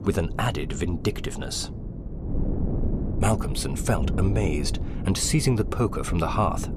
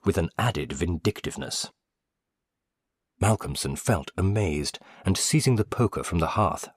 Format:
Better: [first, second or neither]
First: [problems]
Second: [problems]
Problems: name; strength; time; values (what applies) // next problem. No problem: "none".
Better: second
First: wind noise on the microphone; occasional gusts; 10 dB below the speech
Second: none